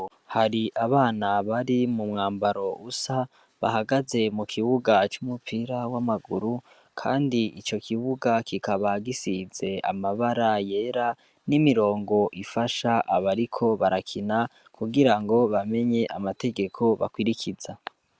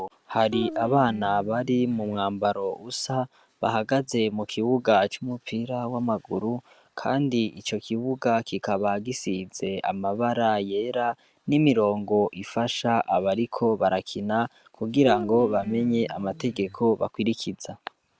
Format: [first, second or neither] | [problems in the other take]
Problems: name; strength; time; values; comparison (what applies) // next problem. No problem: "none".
first | background sound (Guitar); 11 dB below the speech